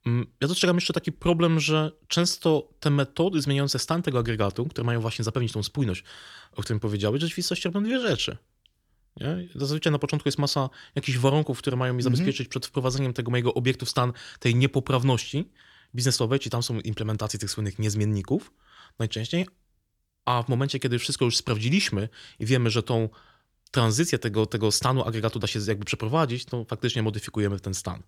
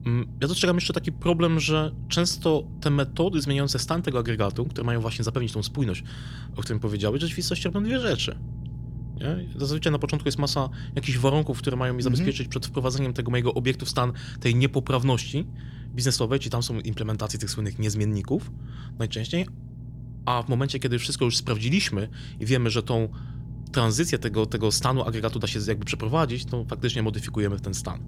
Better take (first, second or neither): first